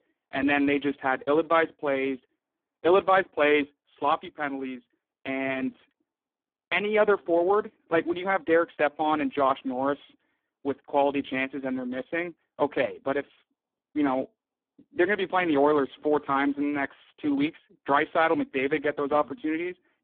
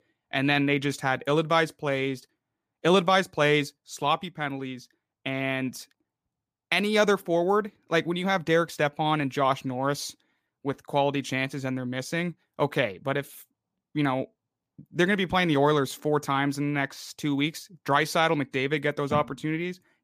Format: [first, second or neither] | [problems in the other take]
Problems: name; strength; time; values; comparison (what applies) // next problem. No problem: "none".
second | phone-call audio; poor line